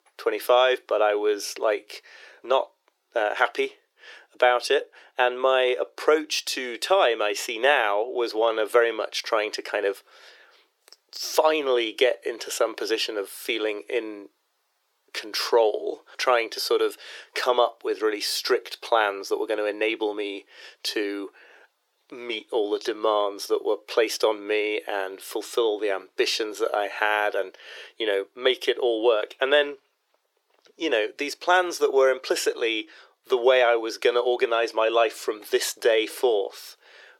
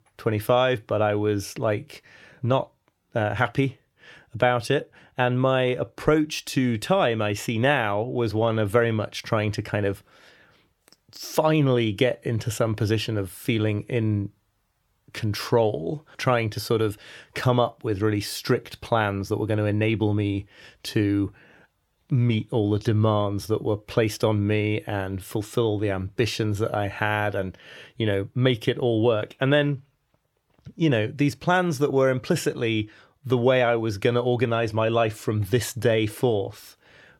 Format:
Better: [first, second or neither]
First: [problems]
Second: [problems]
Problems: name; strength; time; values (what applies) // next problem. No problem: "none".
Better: second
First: thin; very; fading below 400 Hz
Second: none